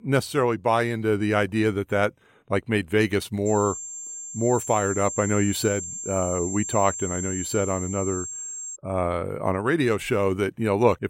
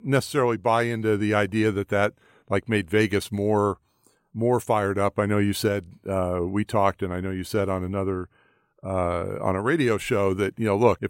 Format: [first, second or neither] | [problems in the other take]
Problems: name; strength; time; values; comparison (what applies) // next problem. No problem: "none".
second | high-pitched whine; loud; from 3.5 to 9 s; 7.5 kHz, 7 dB below the speech